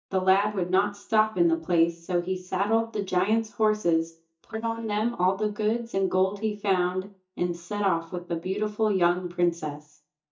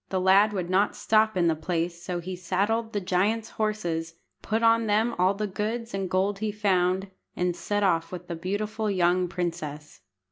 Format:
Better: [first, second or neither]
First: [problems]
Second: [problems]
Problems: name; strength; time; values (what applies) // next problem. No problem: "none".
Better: second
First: noise reduction (neural mask model DeepFilterNet 3)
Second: none